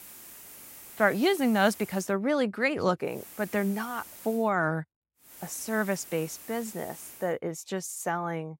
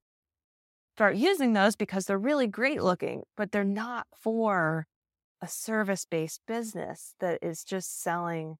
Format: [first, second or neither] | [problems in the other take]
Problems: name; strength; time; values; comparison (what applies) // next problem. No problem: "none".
second | hiss; noticeable; until 2 s, from 3 to 4.5 s and from 5.5 to 7.5 s; 15 dB below the speech